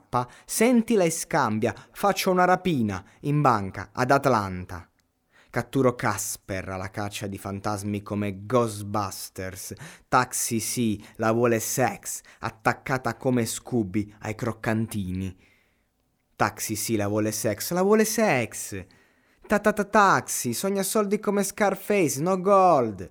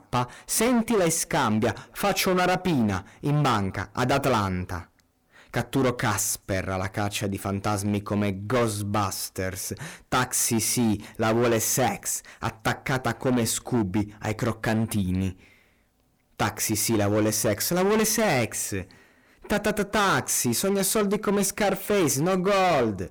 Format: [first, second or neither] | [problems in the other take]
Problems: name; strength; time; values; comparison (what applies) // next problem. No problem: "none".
first | distortion; heavy; 15% of the sound clipped